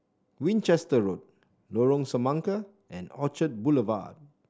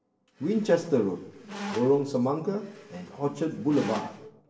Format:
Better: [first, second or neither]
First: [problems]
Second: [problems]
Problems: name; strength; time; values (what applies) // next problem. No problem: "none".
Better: first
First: none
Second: background sound (Squeak); 13 dB below the speech // room echo; dies away in 0.8 s